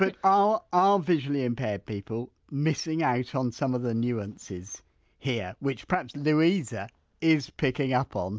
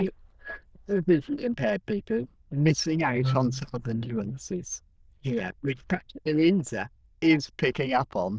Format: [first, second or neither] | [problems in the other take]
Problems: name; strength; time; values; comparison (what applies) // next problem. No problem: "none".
first | noise reduction (neural diffusion model UNIVERSE++)